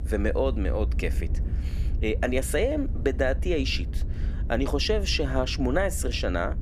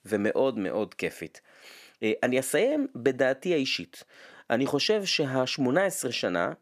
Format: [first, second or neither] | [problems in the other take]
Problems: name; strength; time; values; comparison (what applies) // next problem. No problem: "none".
second | low rumble; noticeable; throughout; 20 dB below the speech